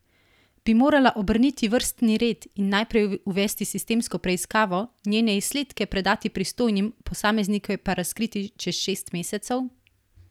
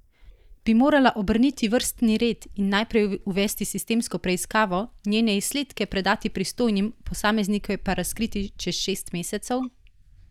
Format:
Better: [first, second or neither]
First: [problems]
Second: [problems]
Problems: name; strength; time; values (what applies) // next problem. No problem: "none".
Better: first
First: none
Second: noise reduction (neural mask model DeepFilterNet 3)